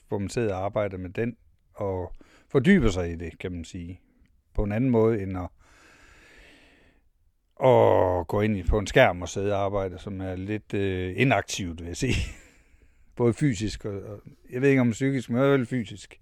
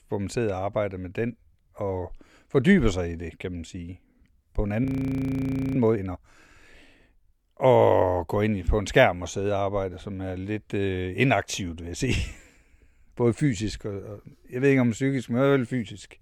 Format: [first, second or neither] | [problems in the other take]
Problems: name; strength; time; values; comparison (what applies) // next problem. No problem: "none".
first | audio freezing; at 5 s for 1 s